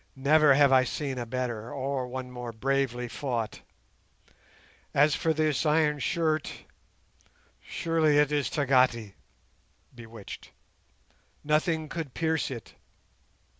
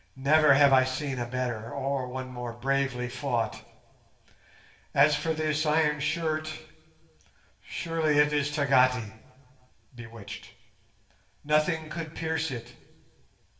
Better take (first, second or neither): first